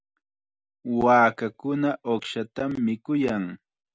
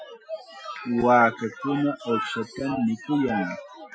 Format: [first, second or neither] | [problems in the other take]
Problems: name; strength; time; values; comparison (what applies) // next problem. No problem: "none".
first | noise reduction (classical method Wiener filter)